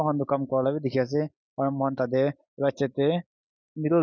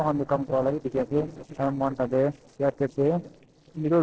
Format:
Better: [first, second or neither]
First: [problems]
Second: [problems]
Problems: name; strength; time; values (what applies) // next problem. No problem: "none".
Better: first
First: none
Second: noise reduction (neural separator model SepFormer DNS4)